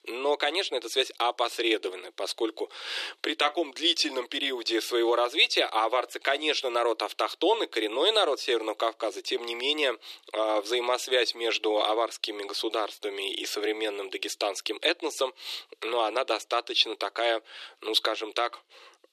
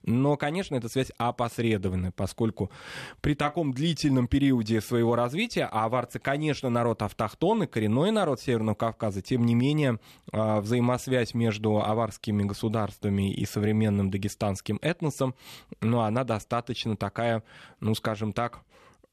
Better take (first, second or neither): second